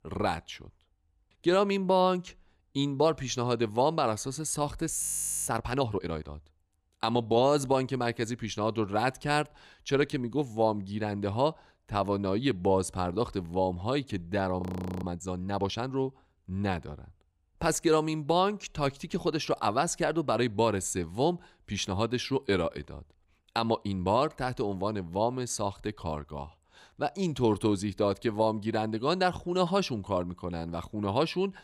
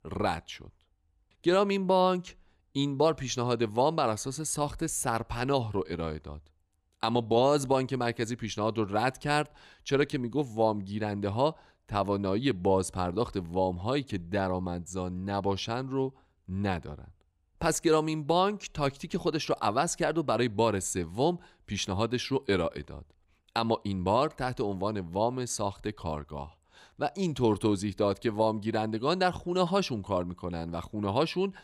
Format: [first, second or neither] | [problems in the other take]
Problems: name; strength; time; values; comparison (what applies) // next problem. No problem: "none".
second | audio freezing; at 5 s and at 15 s